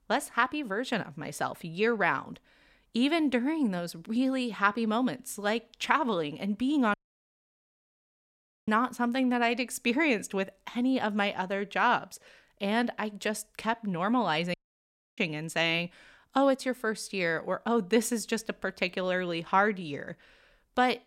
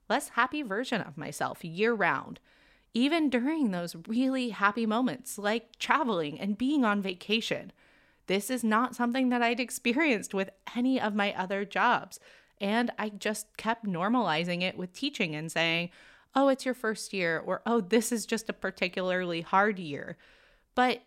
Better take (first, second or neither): second